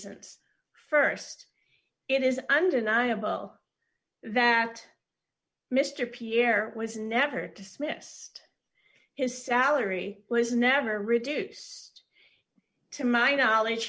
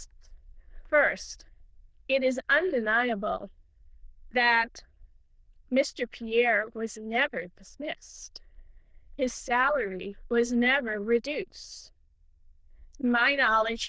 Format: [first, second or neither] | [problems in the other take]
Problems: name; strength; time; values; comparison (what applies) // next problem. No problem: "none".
first | noise reduction (neural diffusion model UNIVERSE++)